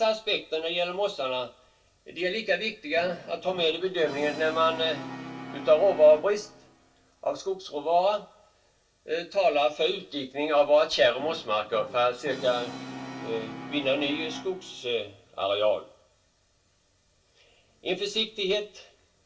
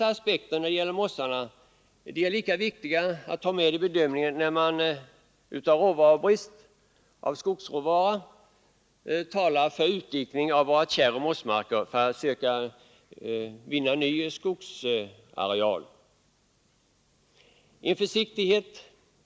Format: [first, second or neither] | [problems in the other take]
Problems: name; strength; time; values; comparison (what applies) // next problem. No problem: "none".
second | background sound (Brass instrument); 17 dB below the speech // room echo; dies away in 0.2 s